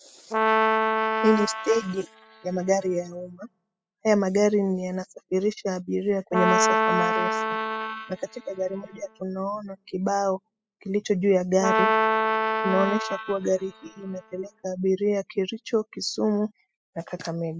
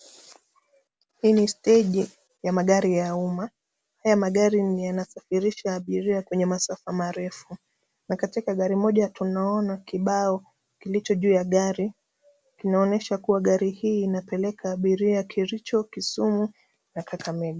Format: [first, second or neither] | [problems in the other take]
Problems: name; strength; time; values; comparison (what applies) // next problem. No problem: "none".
second | noise reduction (classical method spectral subtraction)